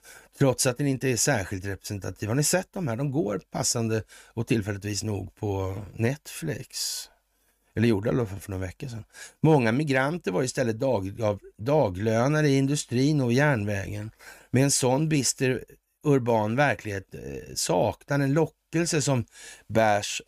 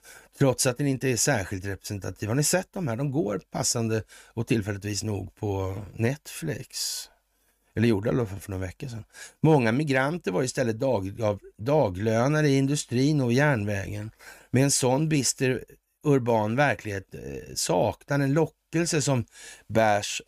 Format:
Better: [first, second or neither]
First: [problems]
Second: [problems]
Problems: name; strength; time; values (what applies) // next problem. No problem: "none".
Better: neither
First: none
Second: none